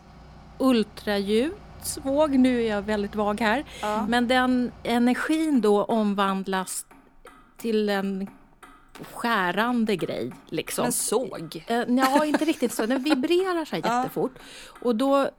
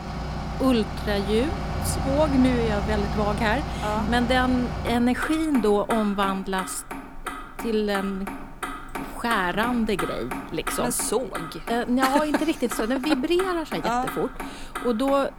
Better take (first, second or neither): first